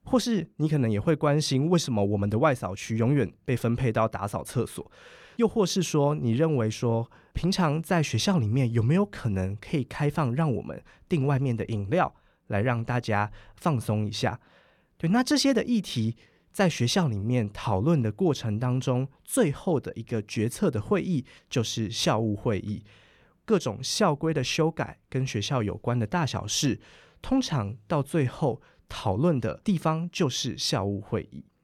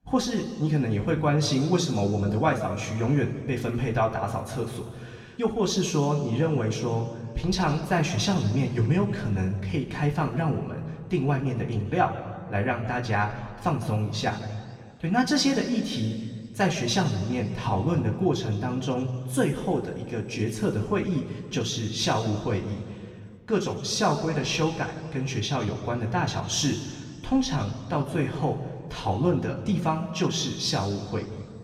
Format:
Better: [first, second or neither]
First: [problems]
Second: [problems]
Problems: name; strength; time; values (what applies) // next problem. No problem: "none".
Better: first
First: none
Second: room echo; slight; dies away in 1.9 s // off-mic speech; somewhat distant